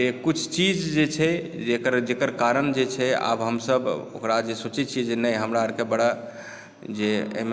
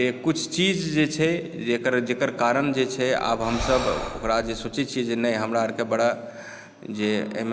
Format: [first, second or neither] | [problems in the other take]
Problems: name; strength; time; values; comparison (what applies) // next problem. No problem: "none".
first | background sound (Breathing); 8 dB below the speech